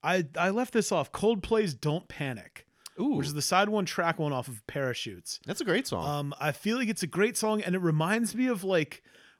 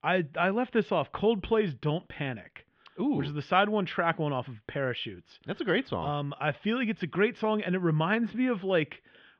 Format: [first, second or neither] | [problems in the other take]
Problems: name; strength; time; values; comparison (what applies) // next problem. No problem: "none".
first | muffled; very; fading above 3.5 kHz